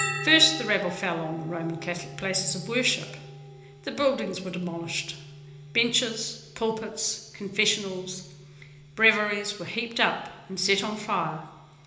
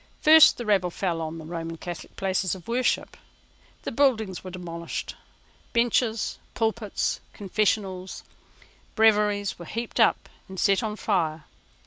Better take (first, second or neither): second